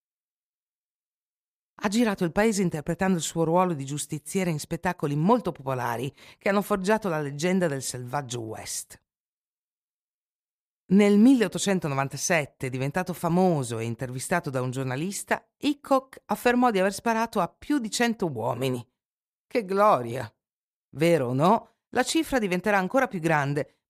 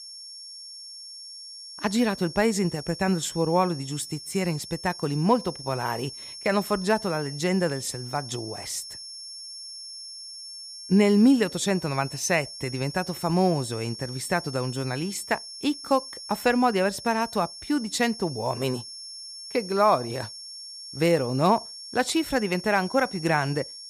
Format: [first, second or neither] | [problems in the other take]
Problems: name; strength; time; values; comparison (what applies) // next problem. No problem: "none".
first | high-pitched whine; noticeable; throughout; 5.5 kHz, 10 dB below the speech